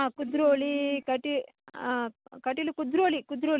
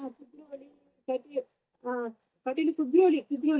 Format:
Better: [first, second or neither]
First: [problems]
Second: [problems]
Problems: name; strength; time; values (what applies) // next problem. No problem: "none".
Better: first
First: none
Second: noise reduction (neural mask model DeepFilterNet 3)